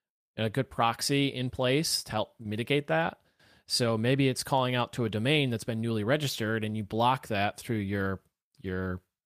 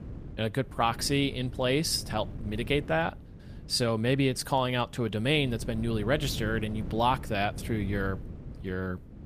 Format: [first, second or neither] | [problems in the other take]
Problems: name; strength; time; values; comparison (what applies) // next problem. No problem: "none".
first | wind noise on the microphone; occasional gusts; 20 dB below the speech